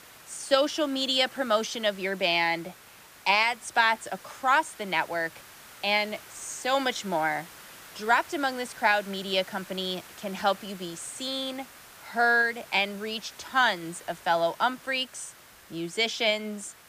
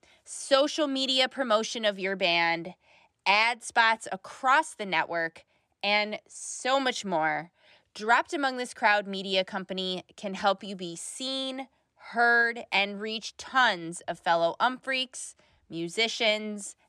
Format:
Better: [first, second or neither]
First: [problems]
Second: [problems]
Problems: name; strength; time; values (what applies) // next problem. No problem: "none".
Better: second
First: hiss; noticeable; throughout; 20 dB below the speech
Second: none